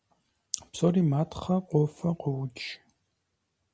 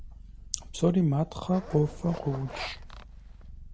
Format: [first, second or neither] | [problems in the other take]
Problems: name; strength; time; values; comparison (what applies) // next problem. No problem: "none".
first | background sound (Zipper (clothing) + Purr); 13 dB below the speech